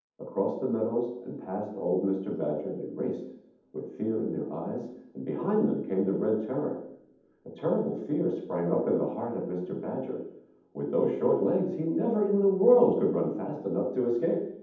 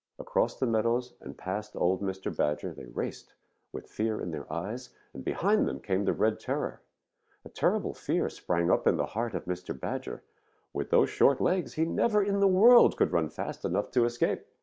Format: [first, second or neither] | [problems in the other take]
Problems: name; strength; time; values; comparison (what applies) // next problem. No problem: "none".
second | room echo; dies away in 0.8 s